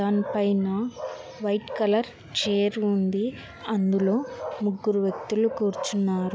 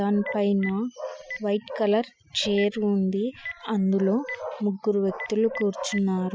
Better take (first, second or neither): first